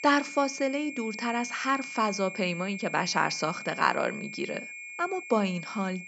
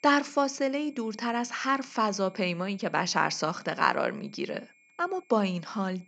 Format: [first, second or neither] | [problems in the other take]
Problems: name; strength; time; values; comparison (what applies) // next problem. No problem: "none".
second | high-pitched whine; loud; throughout; 2.5 kHz, 10 dB below the speech; faint in the second